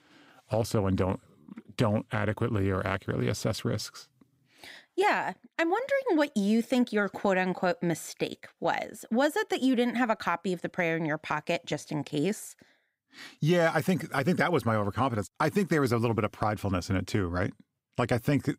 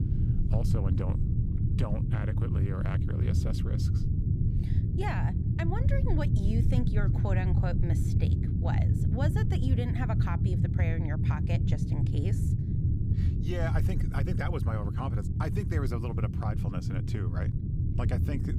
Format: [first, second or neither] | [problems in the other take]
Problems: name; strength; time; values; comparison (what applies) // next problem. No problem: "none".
first | low rumble; loud; throughout; 1 dB below the speech